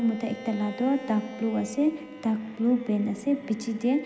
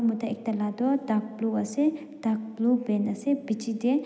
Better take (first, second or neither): second